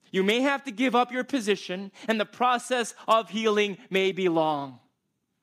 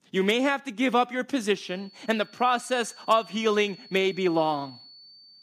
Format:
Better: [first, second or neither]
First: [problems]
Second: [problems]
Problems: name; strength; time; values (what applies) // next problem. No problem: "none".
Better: first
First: none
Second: high-pitched whine; faint; from 1.5 s on; 4.5 kHz, 20 dB below the speech